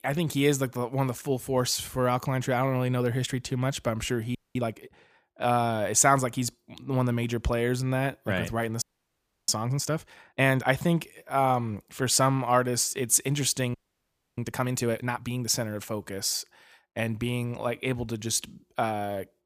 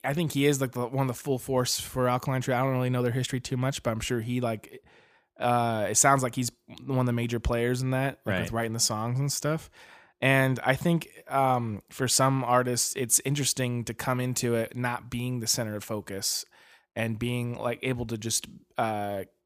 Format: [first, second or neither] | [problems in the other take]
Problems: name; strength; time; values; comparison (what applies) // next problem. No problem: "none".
second | audio freezing; at 4.5 s, at 9 s for 0.5 s and at 14 s for 0.5 s